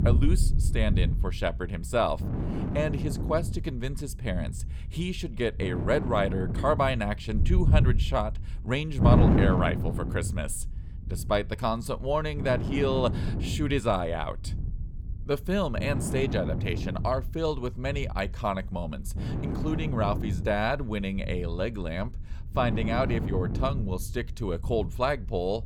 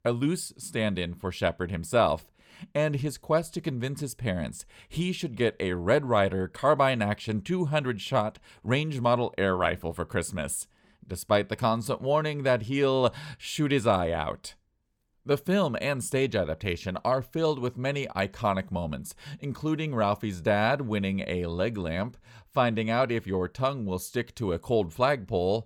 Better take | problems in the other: second | wind noise on the microphone; heavy; 8 dB below the speech

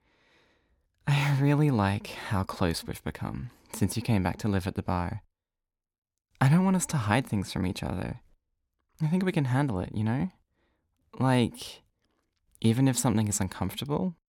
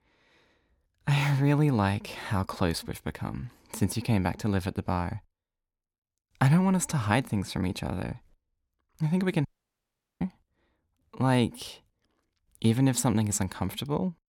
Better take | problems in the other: first | audio cutting out; at 9.5 s for 1 s

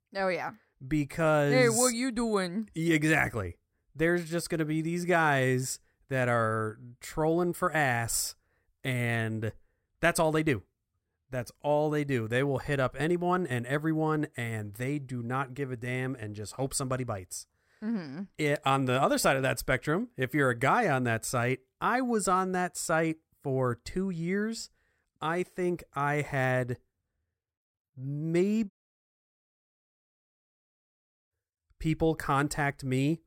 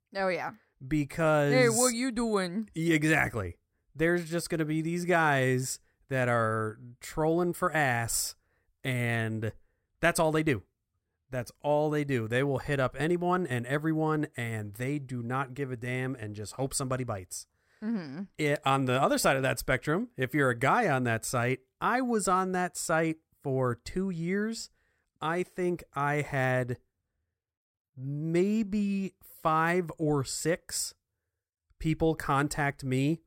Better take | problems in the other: second | audio cutting out; at 29 s for 2.5 s

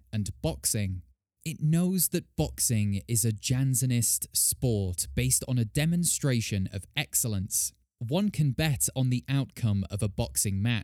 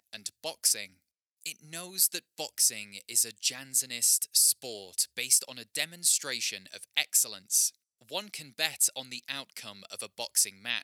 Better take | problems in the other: first | thin; very; fading below 850 Hz

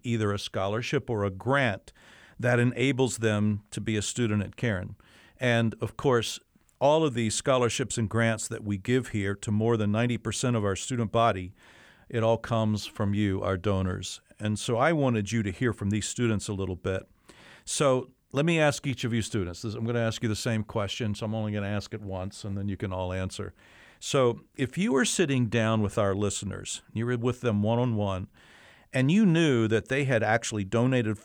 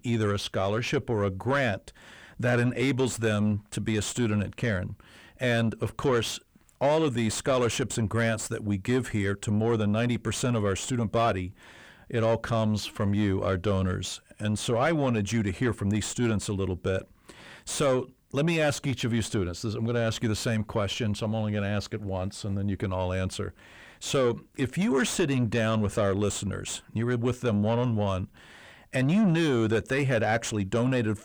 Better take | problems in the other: first | distortion; slight; 9 dB below the speech

